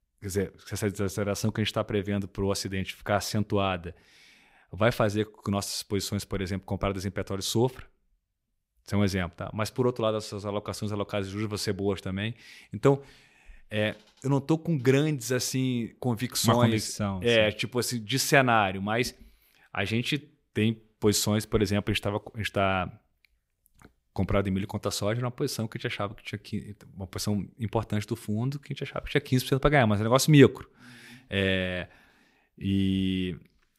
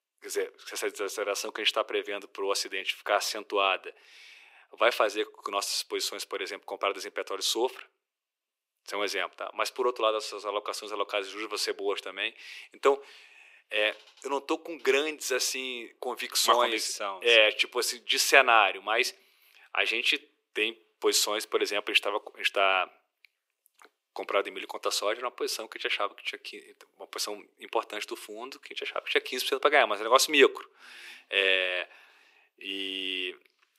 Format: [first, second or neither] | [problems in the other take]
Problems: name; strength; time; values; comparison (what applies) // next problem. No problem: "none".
first | thin; very; fading below 350 Hz